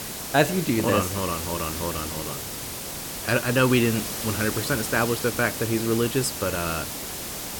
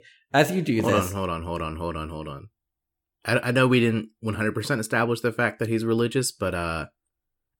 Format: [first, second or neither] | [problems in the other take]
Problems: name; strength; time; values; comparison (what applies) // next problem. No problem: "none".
second | hiss; loud; throughout; 5 dB below the speech